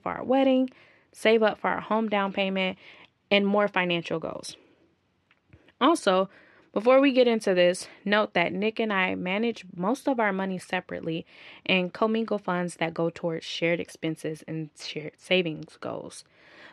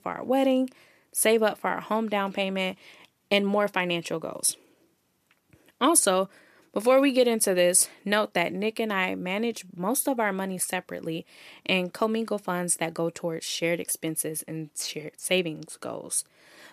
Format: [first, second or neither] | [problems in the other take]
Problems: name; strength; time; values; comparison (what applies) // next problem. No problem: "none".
second | muffled; slightly; fading above 3 kHz